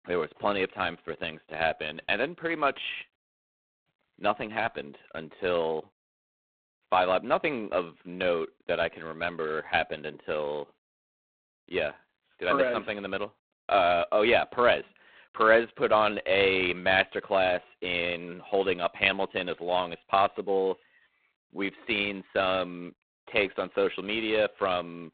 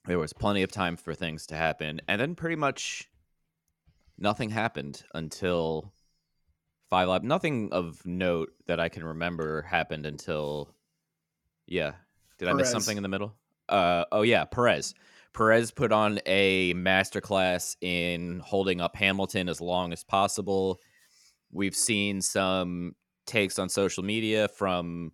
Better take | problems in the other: second | phone-call audio; poor line; nothing above 3.5 kHz

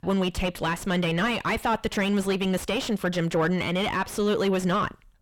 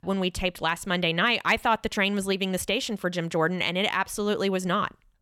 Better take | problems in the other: second | distortion; heavy; 5 dB below the speech

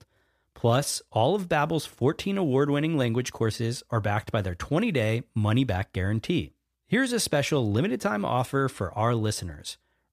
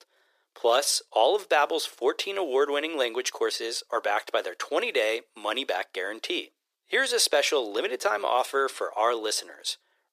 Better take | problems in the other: first | thin; very; fading below 400 Hz

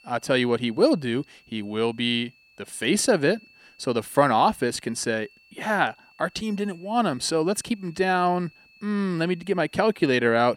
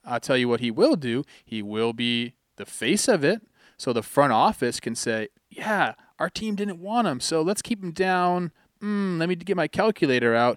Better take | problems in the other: second | high-pitched whine; faint; throughout; 2.5 kHz, 30 dB below the speech

